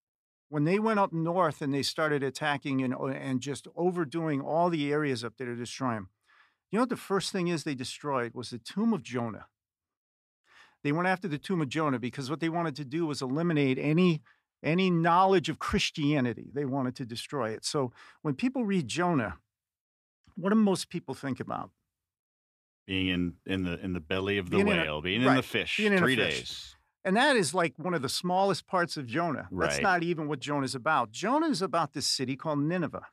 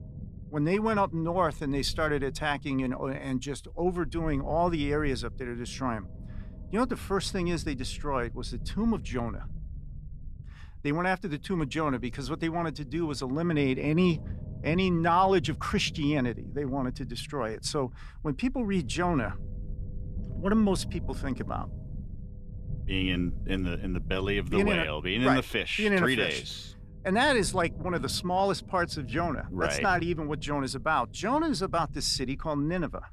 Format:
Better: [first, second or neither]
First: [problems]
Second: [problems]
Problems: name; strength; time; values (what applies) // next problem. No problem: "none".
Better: first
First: none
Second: low rumble; faint; throughout; 25 dB below the speech